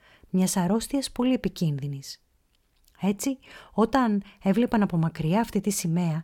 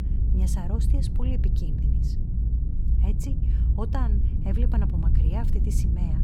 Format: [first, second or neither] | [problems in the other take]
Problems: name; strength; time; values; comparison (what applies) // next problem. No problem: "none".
first | low rumble; loud; throughout; 2 dB below the speech